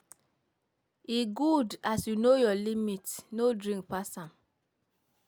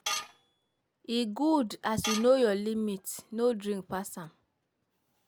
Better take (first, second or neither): first